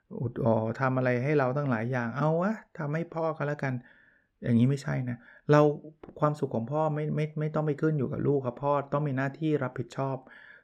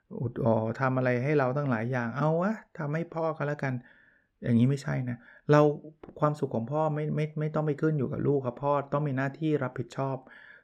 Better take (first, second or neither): neither